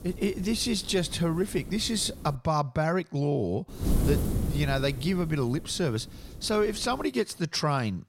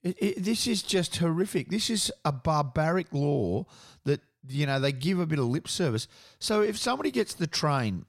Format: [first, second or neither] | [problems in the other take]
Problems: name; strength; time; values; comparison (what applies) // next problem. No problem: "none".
second | wind noise on the microphone; occasional gusts; until 2.5 s and from 3.5 to 7 s; 15 dB below the speech